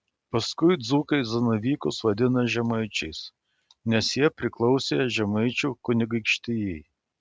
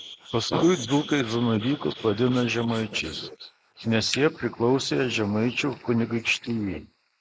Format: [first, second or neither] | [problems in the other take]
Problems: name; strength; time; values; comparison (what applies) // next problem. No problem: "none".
first | noise reduction (neural mask model Resemble Enhance denoiser)